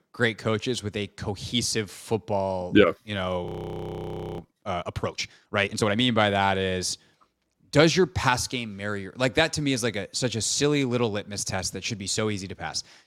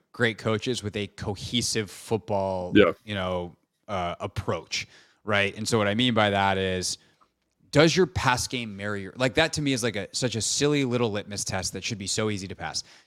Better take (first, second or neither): second